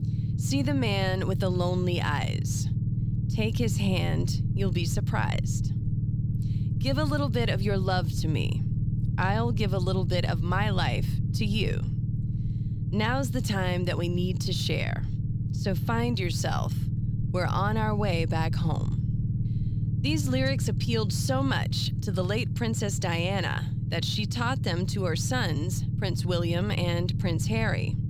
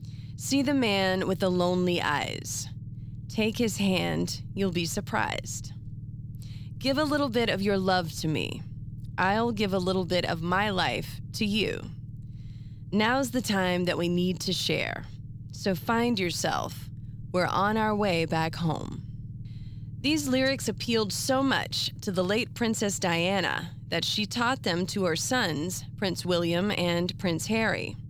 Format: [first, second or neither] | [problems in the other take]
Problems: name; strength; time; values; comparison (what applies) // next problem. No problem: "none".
second | low rumble; loud; throughout; 10 dB below the speech; faint in the second